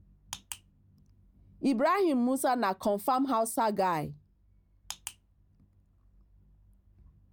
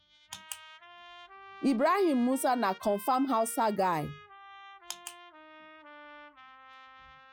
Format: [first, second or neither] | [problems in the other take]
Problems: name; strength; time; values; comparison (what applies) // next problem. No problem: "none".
first | noise reduction (classical method log-MMSE)